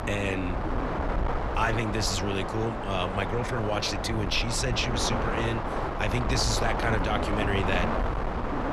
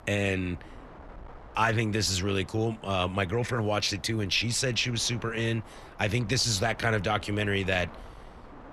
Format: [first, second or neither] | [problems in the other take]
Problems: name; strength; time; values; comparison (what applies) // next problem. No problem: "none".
second | wind noise on the microphone; heavy; 1 dB below the speech; occasional gusts in the second